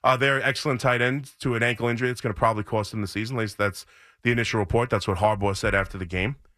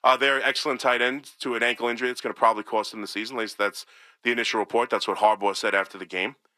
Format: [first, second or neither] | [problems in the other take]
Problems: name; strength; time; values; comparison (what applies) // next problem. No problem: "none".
first | thin; somewhat; fading below 250 Hz